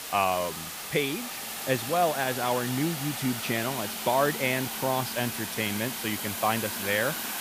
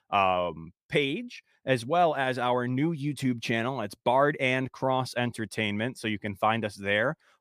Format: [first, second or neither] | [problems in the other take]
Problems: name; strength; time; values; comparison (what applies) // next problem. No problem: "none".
second | hiss; loud; throughout; 4 dB below the speech